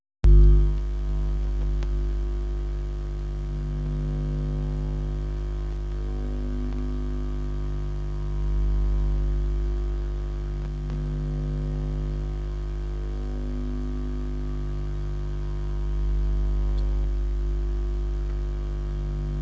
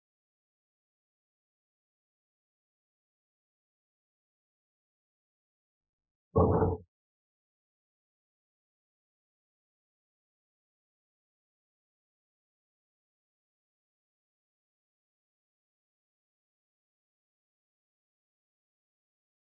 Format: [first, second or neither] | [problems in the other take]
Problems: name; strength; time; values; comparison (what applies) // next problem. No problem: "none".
first | noise reduction (neural mask model Resemble Enhance denoiser)